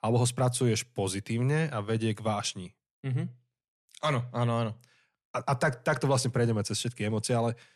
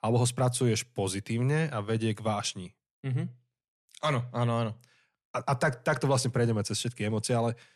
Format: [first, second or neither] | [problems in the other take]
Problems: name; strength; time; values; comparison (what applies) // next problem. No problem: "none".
neither | none